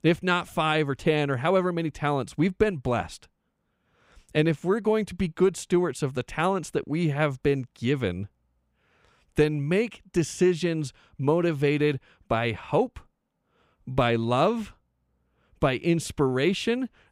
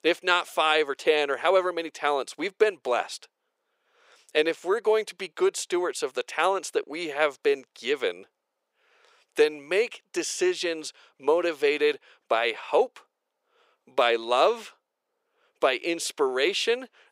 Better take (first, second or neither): first